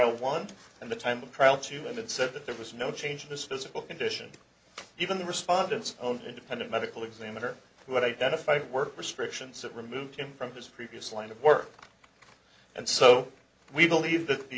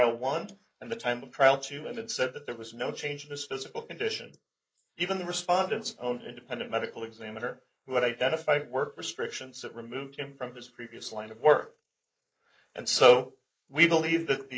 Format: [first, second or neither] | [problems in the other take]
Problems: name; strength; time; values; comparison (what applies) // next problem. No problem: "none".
first | noise reduction (neural mask model Resemble Enhance denoiser)